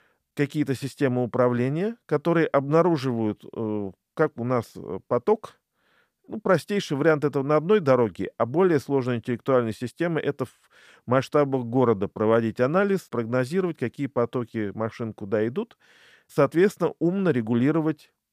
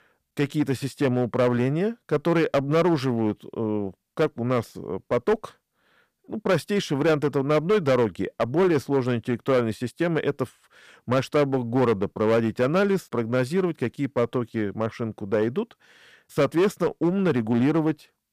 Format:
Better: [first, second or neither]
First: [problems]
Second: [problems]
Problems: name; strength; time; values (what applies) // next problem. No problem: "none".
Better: first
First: none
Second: distortion; slight; 6% of the sound clipped